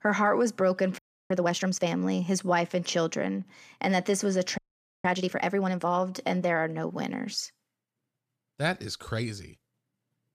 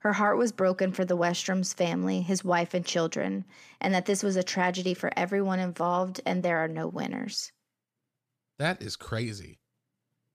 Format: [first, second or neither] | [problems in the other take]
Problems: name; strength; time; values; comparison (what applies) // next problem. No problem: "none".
second | audio freezing; at 1 s and at 4.5 s